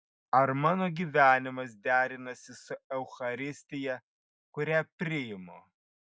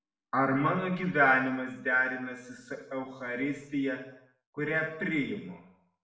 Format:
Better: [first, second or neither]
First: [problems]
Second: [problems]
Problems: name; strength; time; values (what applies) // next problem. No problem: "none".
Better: first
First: none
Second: room echo; dies away in 0.8 s